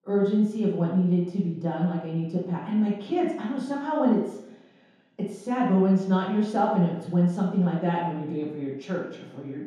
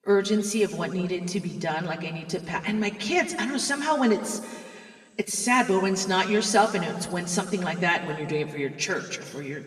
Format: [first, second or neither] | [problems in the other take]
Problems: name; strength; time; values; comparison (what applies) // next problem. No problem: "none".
second | room echo; strong; dies away in 0.8 s; slight in the second // off-mic speech; far; somewhat distant in the second